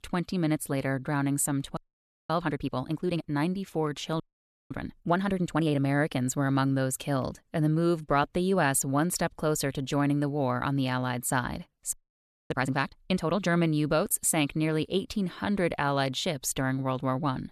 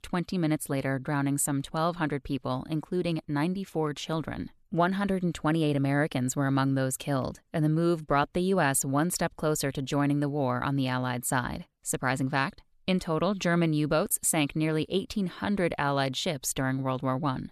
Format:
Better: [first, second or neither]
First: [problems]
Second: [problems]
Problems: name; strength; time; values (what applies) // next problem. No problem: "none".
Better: second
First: audio freezing; at 2 s for 0.5 s, at 4 s for 0.5 s and at 12 s for 0.5 s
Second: none